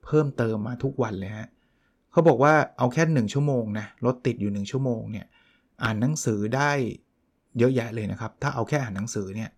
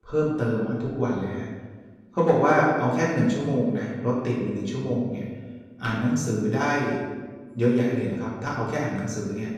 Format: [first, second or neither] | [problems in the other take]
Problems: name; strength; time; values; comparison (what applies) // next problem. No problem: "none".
first | room echo; noticeable; dies away in 1.2 s // off-mic speech; far